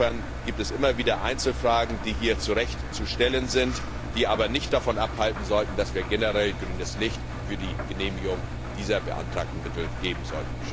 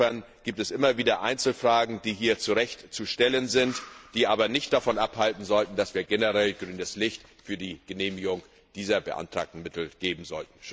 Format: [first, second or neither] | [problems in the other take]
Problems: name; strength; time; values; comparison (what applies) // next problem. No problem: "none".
second | background sound (Engine); 4 dB below the speech